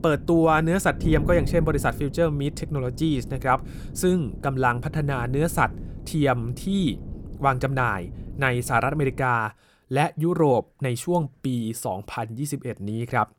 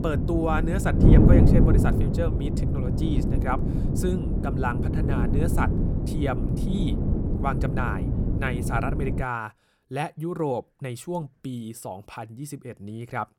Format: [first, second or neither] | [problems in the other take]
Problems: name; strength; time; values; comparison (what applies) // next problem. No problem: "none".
first | wind noise on the microphone; heavy; until 9 s; 1 dB below the speech; occasional gusts in the first